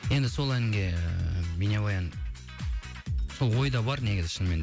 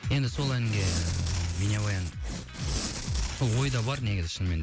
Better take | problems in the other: first | background sound (Tearing); 8 dB below the speech

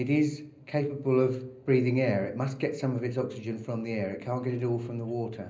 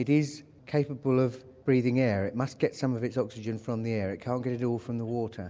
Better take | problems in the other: second | room echo; dies away in 0.5 s

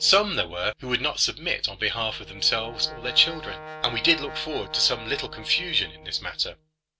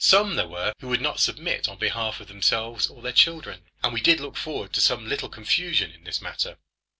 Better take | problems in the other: second | background sound (Brass instrument); 16 dB below the speech

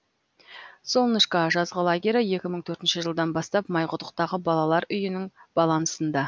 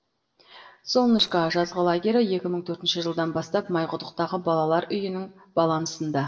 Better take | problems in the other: first | noise reduction (neural separator model SepFormer DNS4)

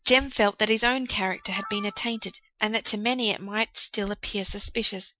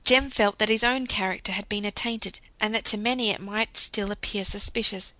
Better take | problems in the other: second | noise reduction (classical method Wiener filter)

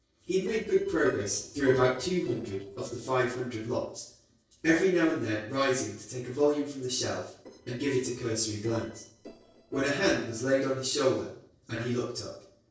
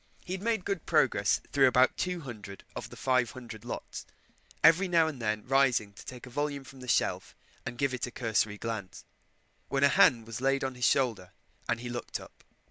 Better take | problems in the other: second | noise reduction (neural separator model SepFormer DNS4)

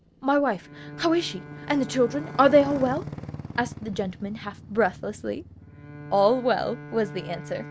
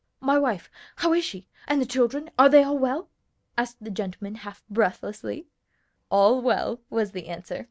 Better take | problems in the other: second | background sound (Bowed string instrument + Motorcycle); 14 dB below the speech

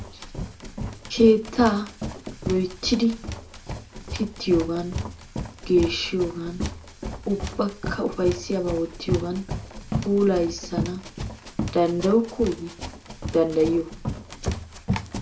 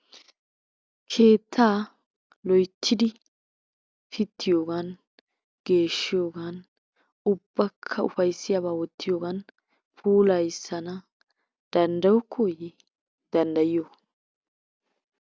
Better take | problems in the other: second | background sound (Run); 7 dB below the speech // room echo; dies away in 0.2 s

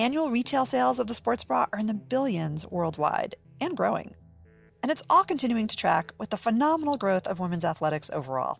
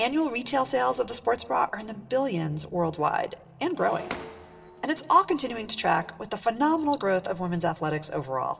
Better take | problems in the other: first | background sound (Shatter); 17 dB below the speech // room echo; dies away in 1.1 s

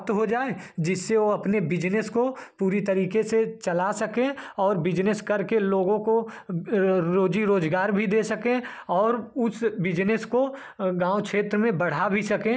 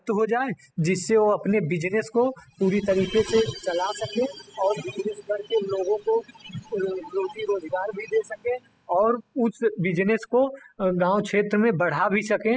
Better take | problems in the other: first | noise reduction (classical method spectral subtraction)

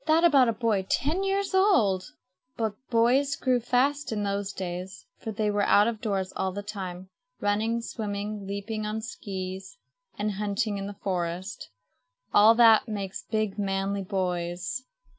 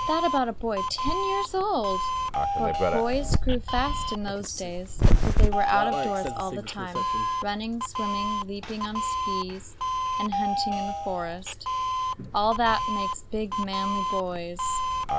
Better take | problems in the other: first | background sound (Doorbell); 4 dB above the speech

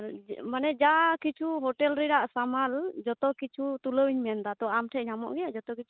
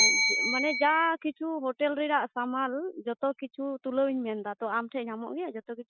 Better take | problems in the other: first | noise reduction (classical method Wiener filter)

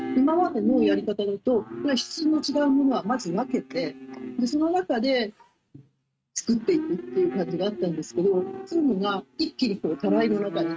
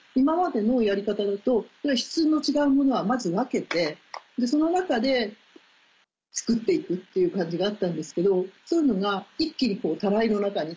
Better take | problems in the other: second | noise reduction (neural mask model RNNoise)

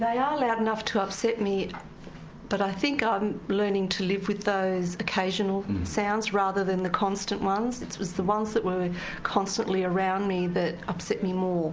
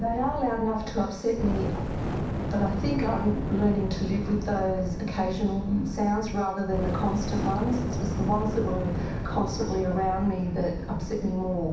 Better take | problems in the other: first | background sound (Fire); 4 dB below the speech // room echo; dies away in 0.7 s

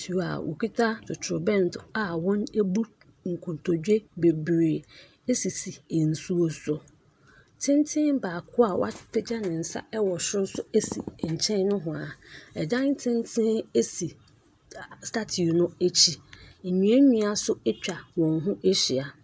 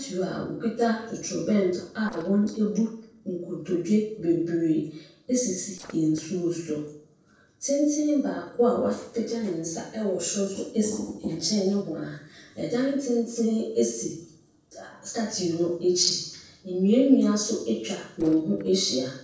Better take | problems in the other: first | noise reduction (neural separator model SepFormer DNS4)

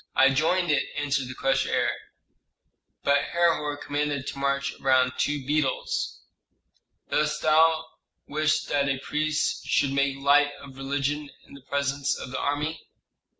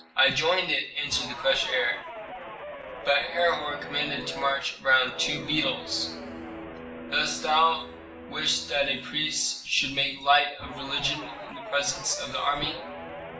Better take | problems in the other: first | background sound (Guitar); 12 dB below the speech // room echo; dies away in 0.5 s

